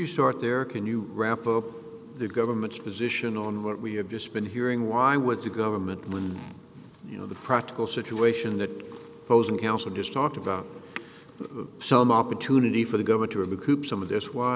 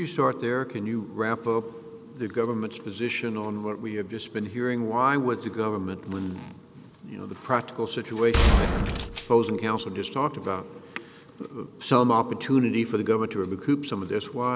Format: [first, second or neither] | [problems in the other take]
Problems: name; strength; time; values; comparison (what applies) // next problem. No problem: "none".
first | background sound (Gunshot, gunfire); 3 dB above the speech